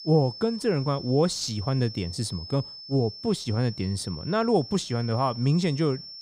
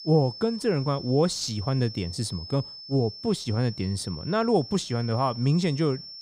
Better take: neither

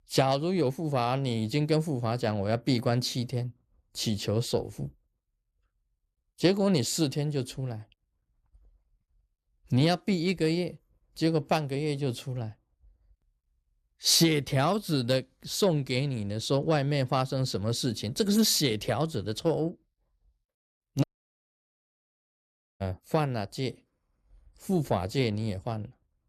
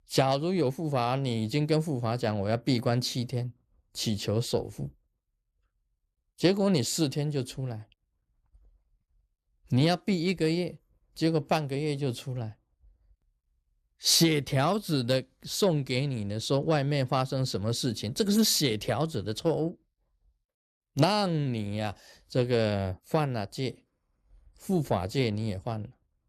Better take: second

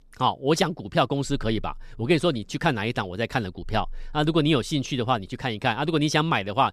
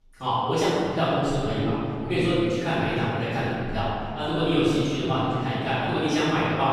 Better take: first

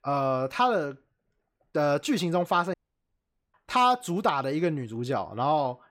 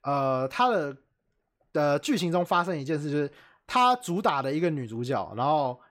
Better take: second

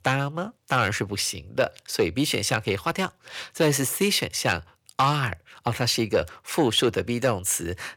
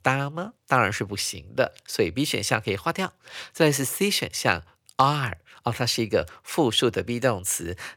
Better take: second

